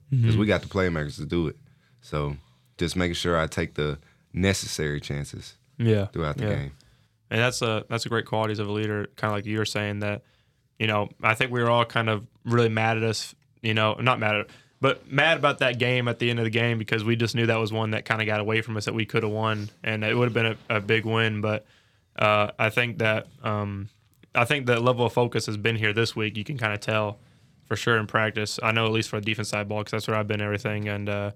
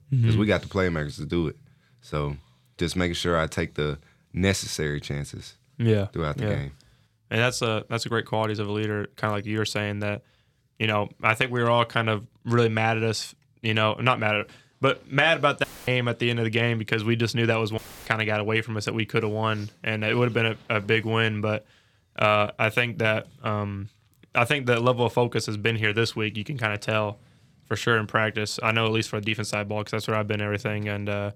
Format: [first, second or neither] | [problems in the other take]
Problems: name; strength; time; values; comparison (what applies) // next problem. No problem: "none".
first | audio cutting out; filled with static; at 16 s and at 18 s